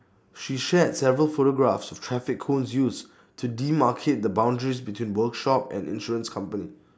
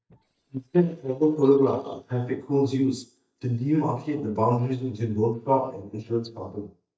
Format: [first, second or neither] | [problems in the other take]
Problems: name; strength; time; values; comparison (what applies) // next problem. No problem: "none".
first | noise reduction (neural mask model DeepFilterNet 3)